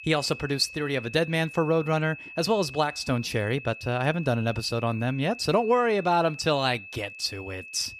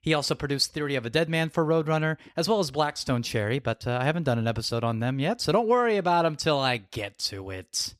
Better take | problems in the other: second | high-pitched whine; noticeable; throughout; 2.5 kHz, 15 dB below the speech

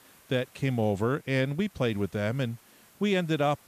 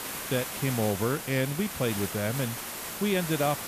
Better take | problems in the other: first | hiss; loud; throughout; 5 dB below the speech; faint in the first

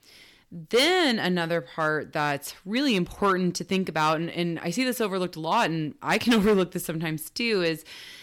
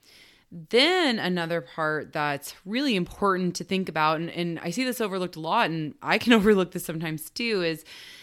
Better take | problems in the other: second | distortion; slight; 3% of the sound clipped

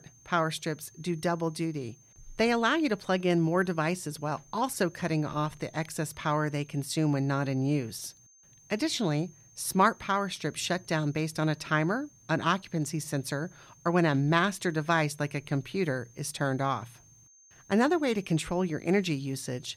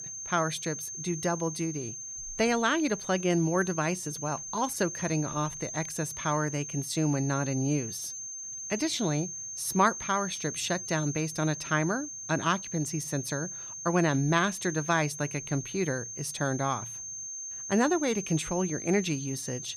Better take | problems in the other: first | high-pitched whine; loud; throughout; 6.5 kHz, 7 dB below the speech; faint in the first

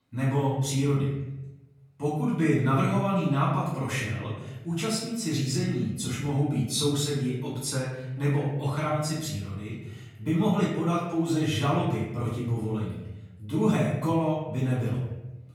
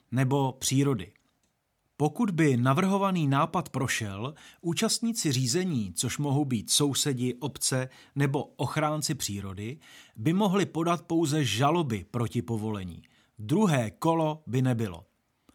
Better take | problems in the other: second | off-mic speech; far // room echo; noticeable; dies away in 1 s

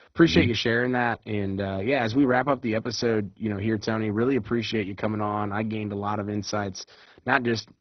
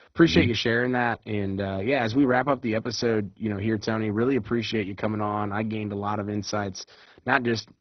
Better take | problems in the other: neither | garbled, watery; badly; nothing above 6 kHz; the same in both

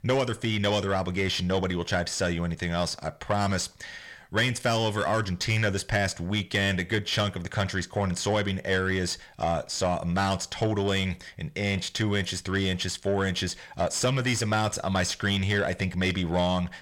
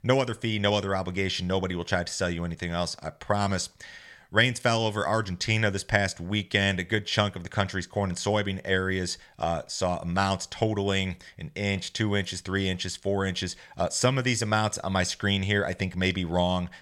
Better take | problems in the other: second | distortion; slight; 10 dB below the speech

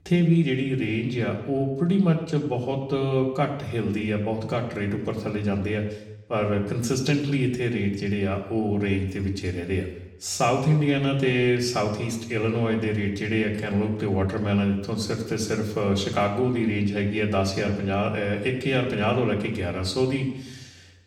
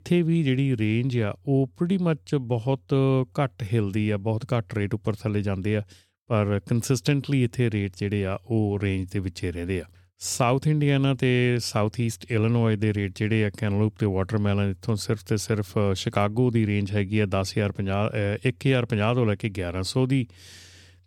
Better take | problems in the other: second | room echo; slight; dies away in 0.9 s // off-mic speech; somewhat distant

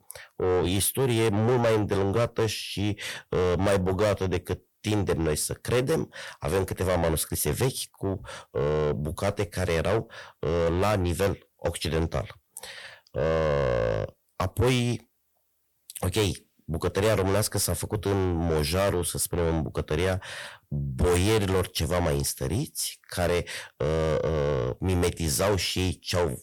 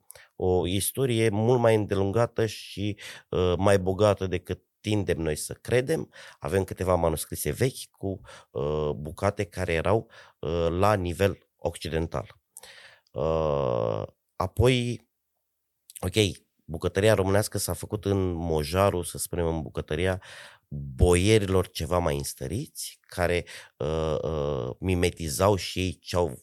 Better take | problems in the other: second | distortion; heavy; 6 dB below the speech

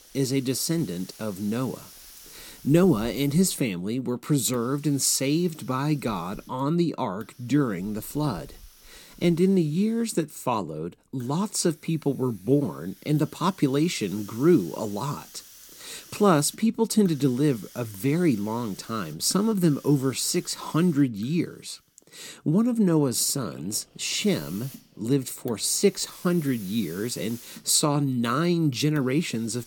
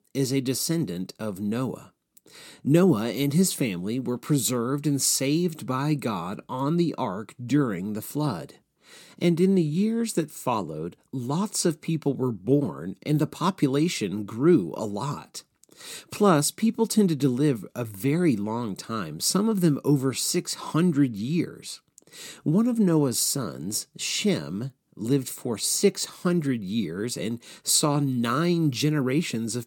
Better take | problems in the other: second | hiss; faint; throughout; 20 dB below the speech

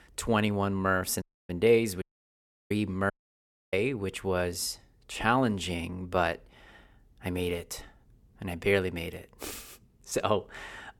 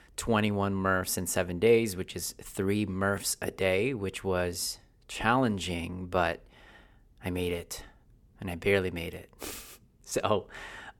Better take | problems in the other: second | audio cutting out; at 1 s, at 2 s for 0.5 s and at 3 s for 0.5 s

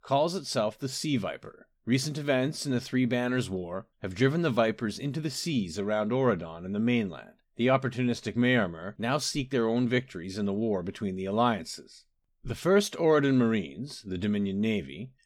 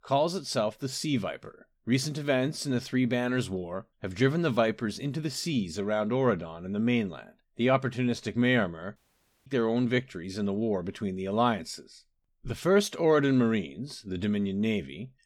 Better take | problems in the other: first | audio cutting out; at 9 s for 0.5 s

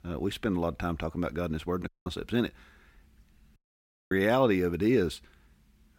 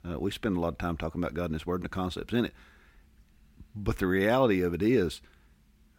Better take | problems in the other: second | audio cutting out; at 2 s and at 3.5 s for 0.5 s

